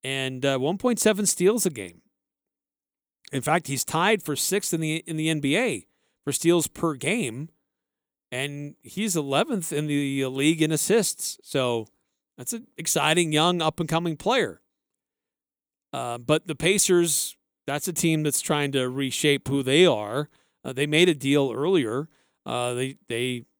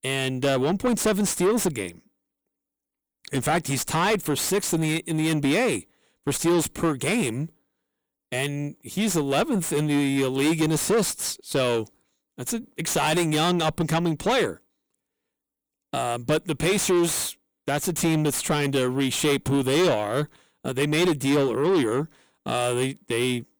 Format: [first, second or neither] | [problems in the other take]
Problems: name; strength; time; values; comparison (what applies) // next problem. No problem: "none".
first | distortion; heavy; 6 dB below the speech